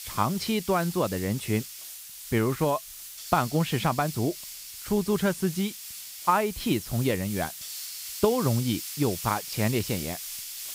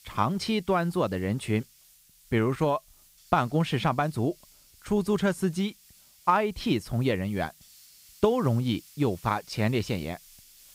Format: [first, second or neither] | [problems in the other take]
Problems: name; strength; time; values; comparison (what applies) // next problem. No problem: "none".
second | hiss; loud; throughout; 9 dB below the speech; faint in the second